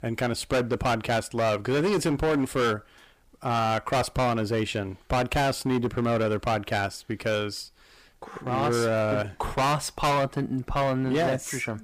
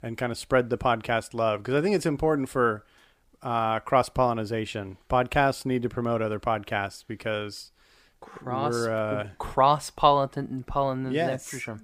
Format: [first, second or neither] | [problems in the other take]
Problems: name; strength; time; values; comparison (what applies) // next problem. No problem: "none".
second | distortion; heavy; 14% of the sound clipped